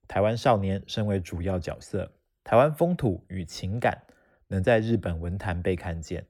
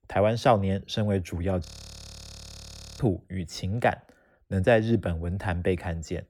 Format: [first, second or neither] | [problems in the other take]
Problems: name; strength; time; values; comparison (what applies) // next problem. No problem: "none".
first | audio freezing; at 1.5 s for 1.5 s